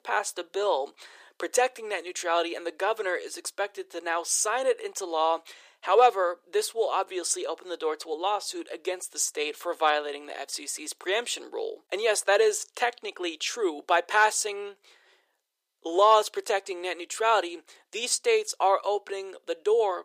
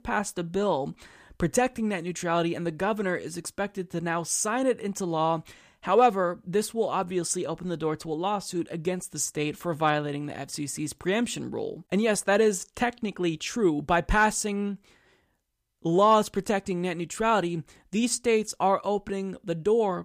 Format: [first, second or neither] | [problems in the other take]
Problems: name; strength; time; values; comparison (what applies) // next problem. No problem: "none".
second | thin; very; fading below 400 Hz